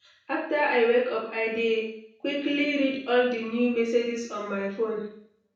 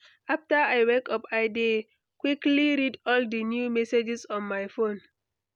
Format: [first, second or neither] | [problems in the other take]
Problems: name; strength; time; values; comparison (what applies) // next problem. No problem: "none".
second | room echo; dies away in 0.6 s